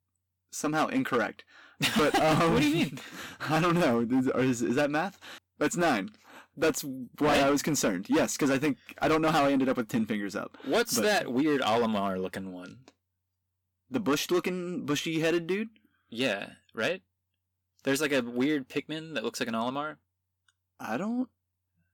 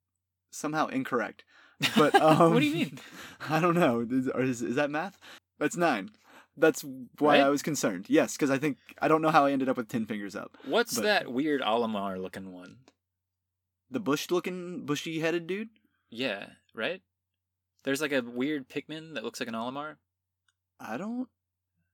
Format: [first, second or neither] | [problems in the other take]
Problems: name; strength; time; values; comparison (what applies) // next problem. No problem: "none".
second | distortion; heavy; 8% of the sound clipped